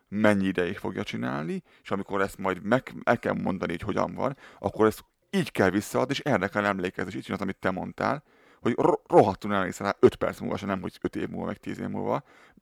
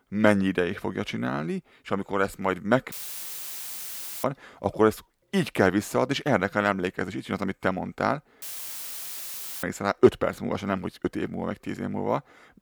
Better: first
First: none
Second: audio cutting out; filled with static; at 3 s for 1.5 s and at 8.5 s for 1 s

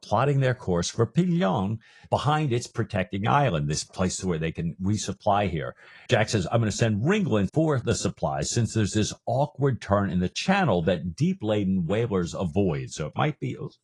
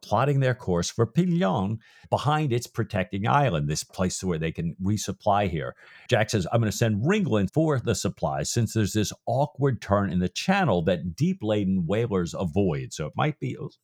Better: second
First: garbled, watery; slightly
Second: none

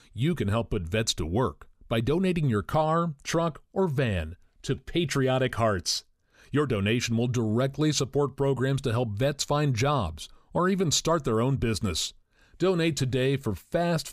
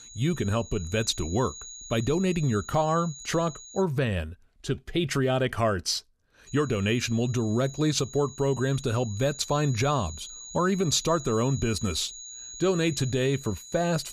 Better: first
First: none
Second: high-pitched whine; noticeable; until 4 s and from 6.5 s on; 6.5 kHz, 15 dB below the speech

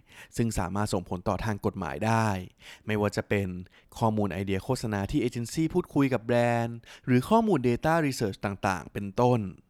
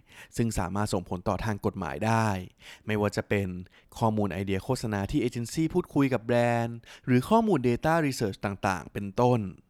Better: neither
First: none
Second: none

